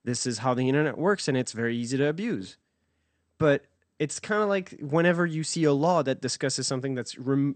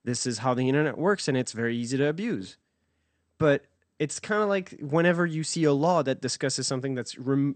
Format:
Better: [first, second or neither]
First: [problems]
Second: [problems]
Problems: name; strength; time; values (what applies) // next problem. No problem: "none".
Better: neither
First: garbled, watery; slightly; nothing above 8.5 kHz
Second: garbled, watery; slightly; nothing above 8.5 kHz